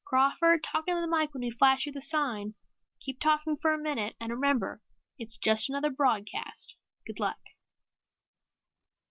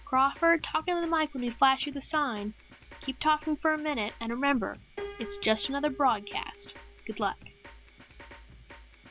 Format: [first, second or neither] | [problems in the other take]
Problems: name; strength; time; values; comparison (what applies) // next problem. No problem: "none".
first | background sound (Piano + Drum kit); 17 dB below the speech